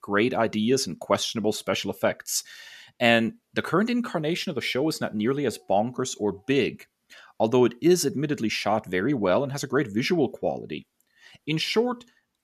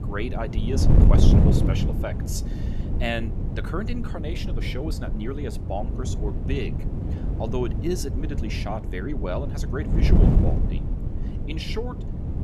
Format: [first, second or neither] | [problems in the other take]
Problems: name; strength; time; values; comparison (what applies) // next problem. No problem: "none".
first | wind noise on the microphone; heavy; 2 dB below the speech